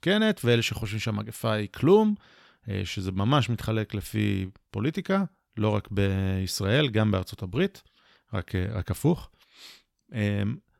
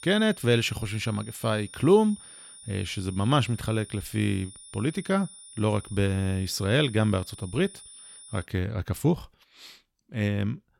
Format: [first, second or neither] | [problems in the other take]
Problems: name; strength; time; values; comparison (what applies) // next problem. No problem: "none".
first | high-pitched whine; noticeable; until 8.5 s; 9.5 kHz, 15 dB below the speech